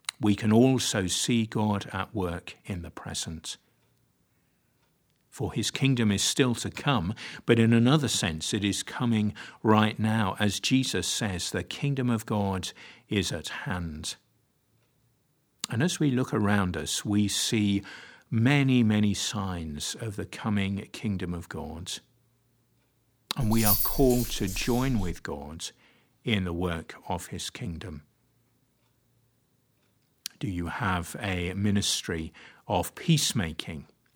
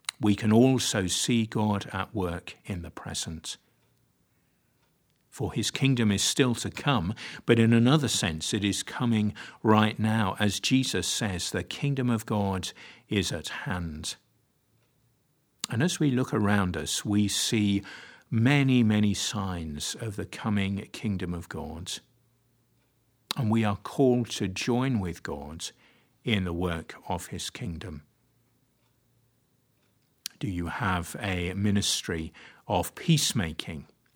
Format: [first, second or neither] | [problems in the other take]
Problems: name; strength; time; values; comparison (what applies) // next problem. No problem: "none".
second | jangling keys; loud; from 23 to 25 s; peak 5 dB above the speech